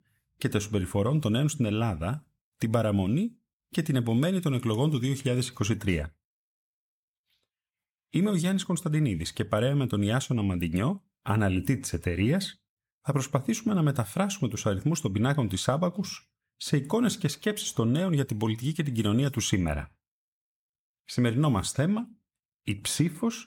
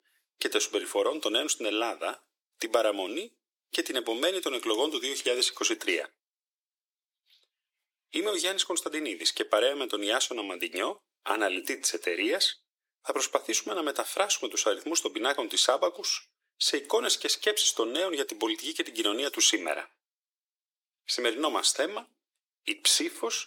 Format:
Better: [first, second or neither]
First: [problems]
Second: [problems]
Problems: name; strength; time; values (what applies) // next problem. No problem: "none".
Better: first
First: none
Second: thin; very; fading below 350 Hz